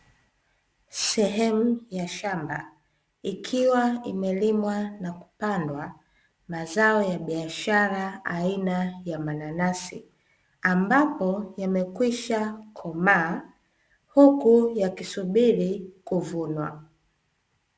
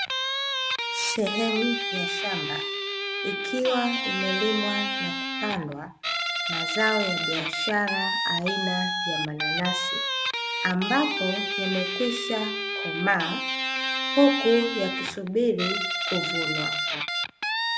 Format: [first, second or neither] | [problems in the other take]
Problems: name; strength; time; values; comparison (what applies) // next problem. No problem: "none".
first | background sound (Guitar); as loud as the speech